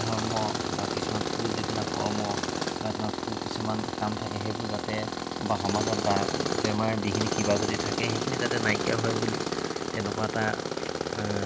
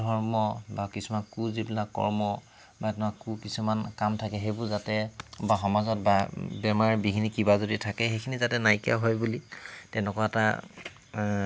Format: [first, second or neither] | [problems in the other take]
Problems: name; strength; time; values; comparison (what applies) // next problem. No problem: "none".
second | background sound (Tools); 1 dB above the speech